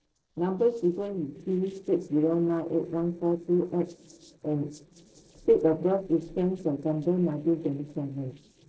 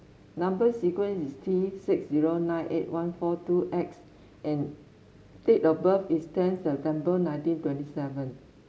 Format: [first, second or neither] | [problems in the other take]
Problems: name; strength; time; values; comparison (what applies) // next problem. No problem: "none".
second | noise reduction (neural separator model SepFormer DNS4)